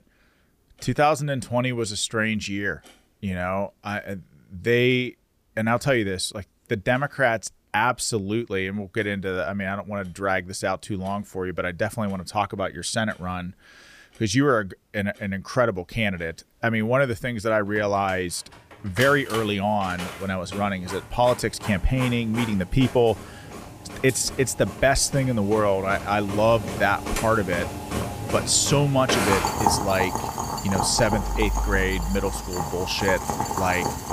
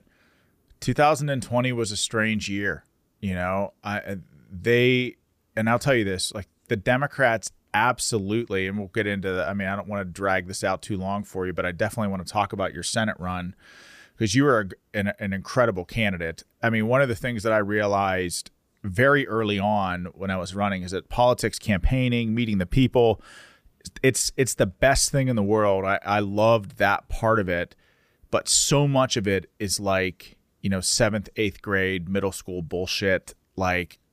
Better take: second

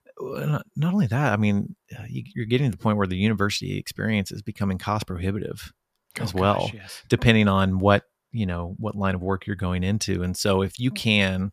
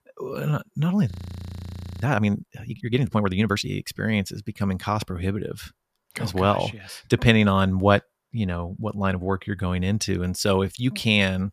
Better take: first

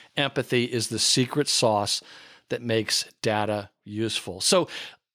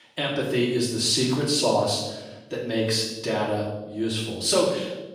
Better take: first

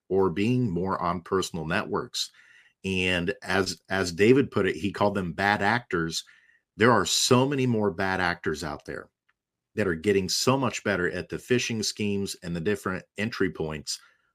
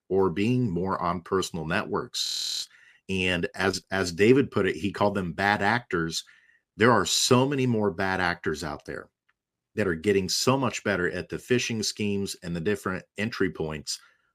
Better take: first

